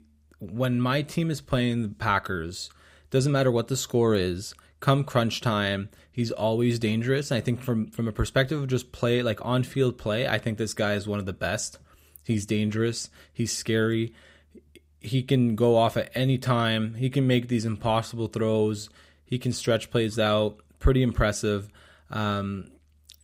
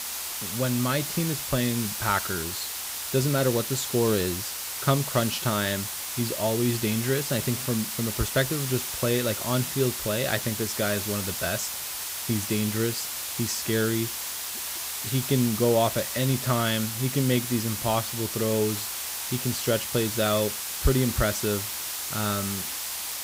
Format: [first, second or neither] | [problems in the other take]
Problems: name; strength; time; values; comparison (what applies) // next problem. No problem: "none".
first | hiss; loud; throughout; 3 dB below the speech